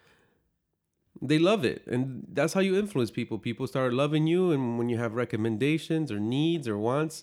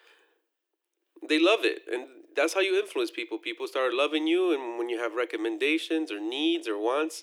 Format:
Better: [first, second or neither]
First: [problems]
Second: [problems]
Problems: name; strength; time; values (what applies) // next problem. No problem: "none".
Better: first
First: none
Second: thin; very; fading below 300 Hz